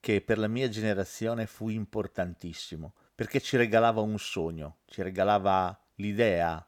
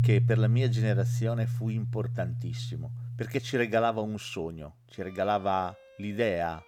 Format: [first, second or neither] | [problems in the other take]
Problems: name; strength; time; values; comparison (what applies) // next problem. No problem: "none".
first | background music; very loud; throughout; 2 dB above the speech